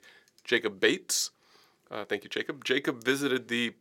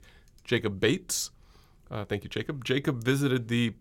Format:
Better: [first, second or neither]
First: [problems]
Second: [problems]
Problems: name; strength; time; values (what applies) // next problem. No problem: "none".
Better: second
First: thin; somewhat; fading below 350 Hz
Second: none